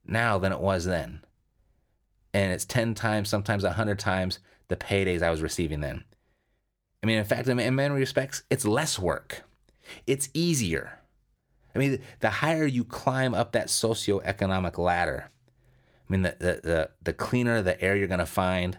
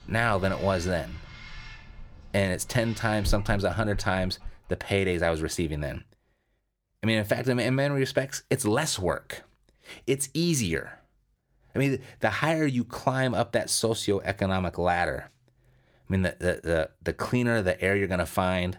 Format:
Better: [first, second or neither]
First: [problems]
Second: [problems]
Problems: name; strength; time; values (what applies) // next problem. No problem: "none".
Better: first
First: none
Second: animal sounds; noticeable; until 4.5 s; 15 dB below the speech